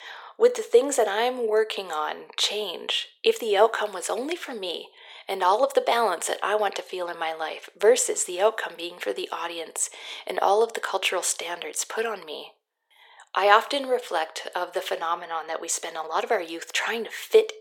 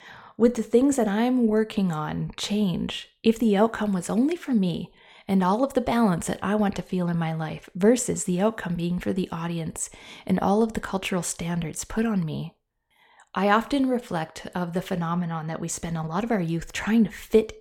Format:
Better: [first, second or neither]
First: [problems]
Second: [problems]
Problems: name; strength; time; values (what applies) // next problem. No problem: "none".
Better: second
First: thin; very; fading below 400 Hz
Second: none